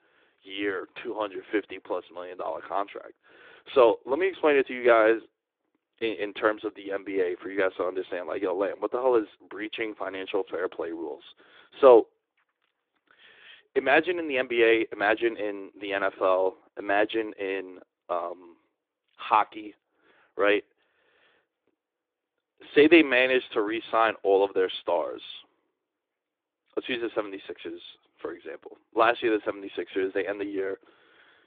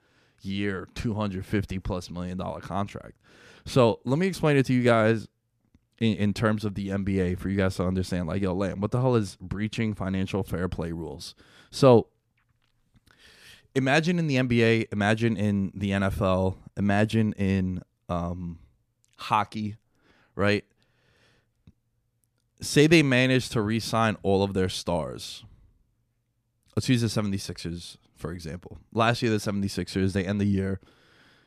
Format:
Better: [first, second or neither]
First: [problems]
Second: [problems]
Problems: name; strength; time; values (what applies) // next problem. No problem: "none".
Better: second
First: phone-call audio; nothing above 3.5 kHz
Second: none